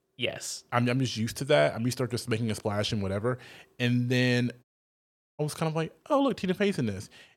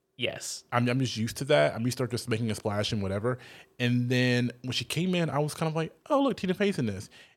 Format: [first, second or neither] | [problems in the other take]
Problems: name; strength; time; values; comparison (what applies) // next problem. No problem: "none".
second | audio cutting out; at 4.5 s for 1 s